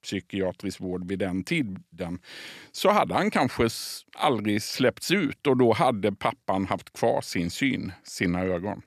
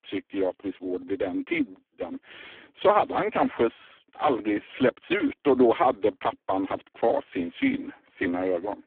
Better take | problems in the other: first | phone-call audio; poor line

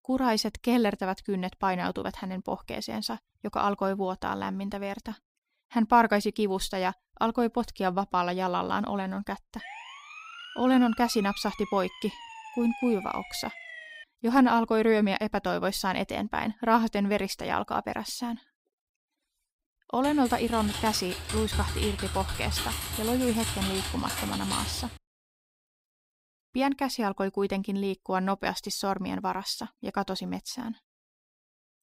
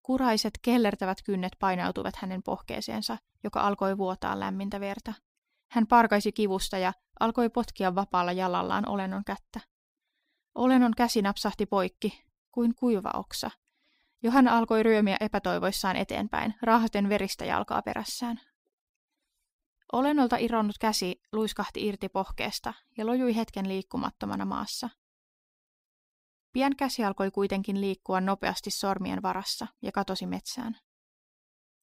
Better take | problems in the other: second | siren; faint; from 9.5 to 14 s; peak 10 dB below the speech // keyboard typing; noticeable; from 20 to 25 s; peak 2 dB below the speech

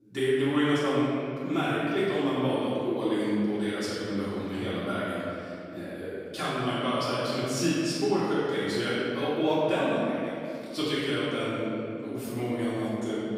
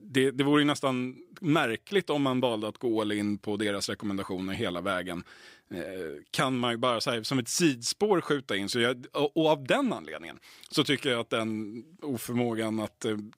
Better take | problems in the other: second | off-mic speech; far // room echo; strong; dies away in 2.5 s

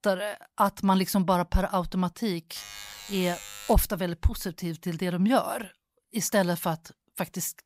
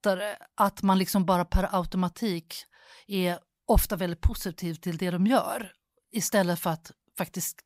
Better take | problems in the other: second | alarm; faint; from 2.5 to 3.5 s; peak 10 dB below the speech

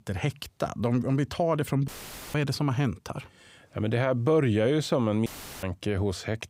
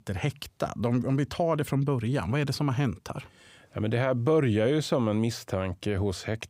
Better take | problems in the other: second | audio cutting out; filled with static; at 2 s and at 5.5 s

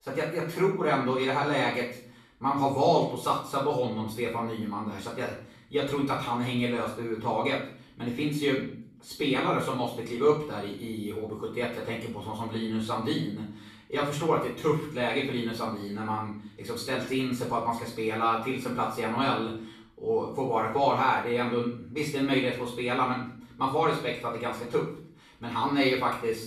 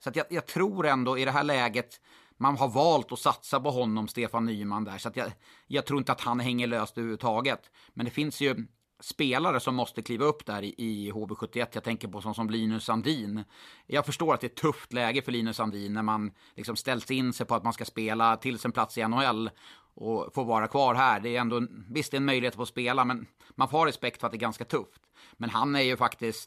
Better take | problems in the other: second | off-mic speech; far // room echo; noticeable; dies away in 0.5 s

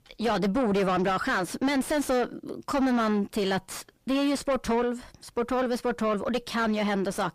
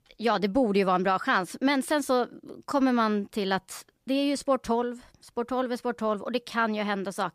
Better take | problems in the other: second | distortion; heavy; 6 dB below the speech

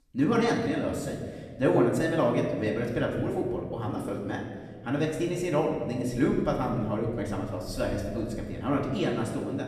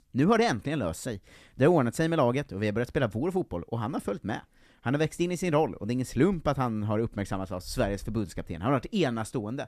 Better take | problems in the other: second | room echo; noticeable; dies away in 1.5 s // off-mic speech; far

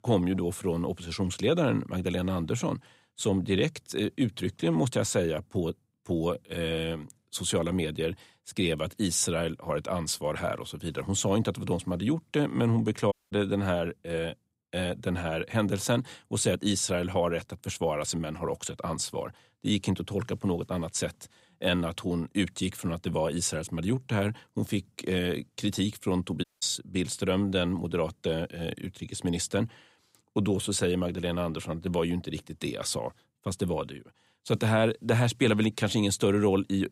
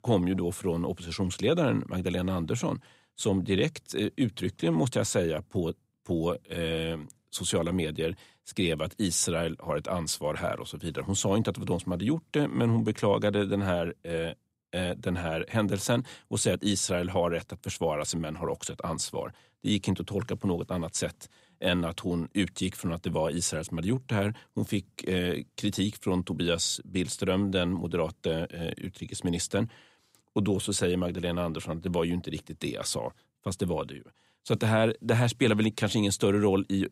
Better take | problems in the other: second | audio cutting out; at 13 s and at 26 s

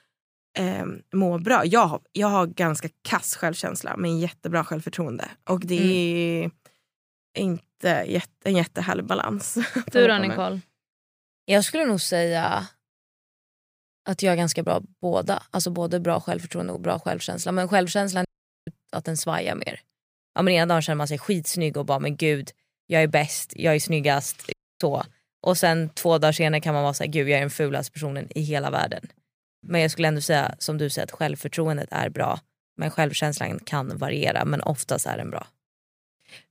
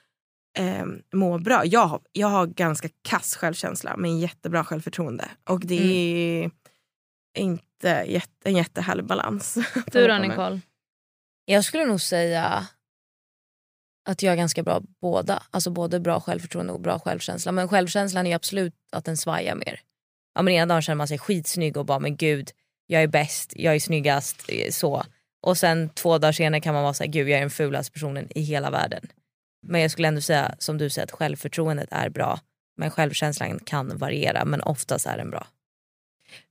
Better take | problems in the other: second | audio cutting out; at 18 s and at 25 s

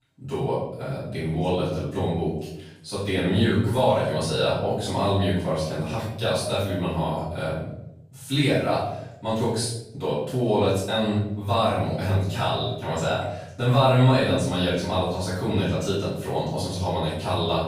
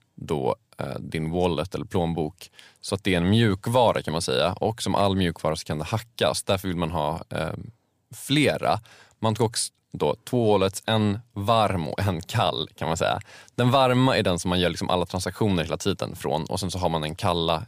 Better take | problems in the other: second | off-mic speech; far // room echo; noticeable; dies away in 0.8 s

